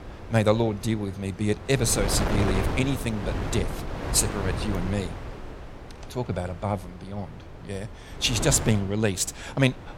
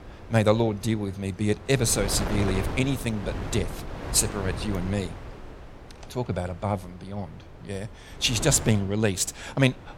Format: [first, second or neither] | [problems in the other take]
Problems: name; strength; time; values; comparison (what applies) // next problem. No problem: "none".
second | wind noise on the microphone; heavy; 7 dB below the speech; occasional gusts in the second